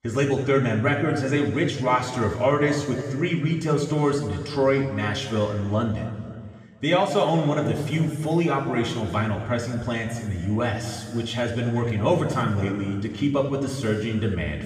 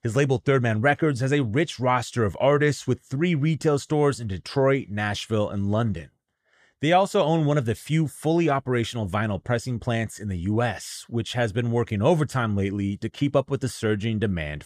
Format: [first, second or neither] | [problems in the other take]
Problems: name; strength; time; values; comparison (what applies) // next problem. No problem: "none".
second | room echo; noticeable; dies away in 1.9 s // off-mic speech; far